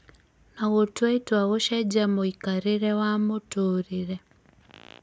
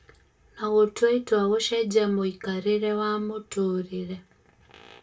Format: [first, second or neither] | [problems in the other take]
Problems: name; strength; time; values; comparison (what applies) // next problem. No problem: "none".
first | room echo; dies away in 0.2 s